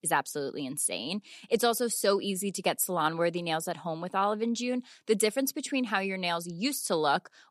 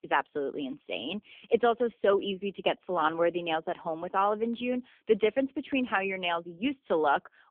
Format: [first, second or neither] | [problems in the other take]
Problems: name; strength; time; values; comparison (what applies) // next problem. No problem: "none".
first | phone-call audio; poor line; nothing above 3.5 kHz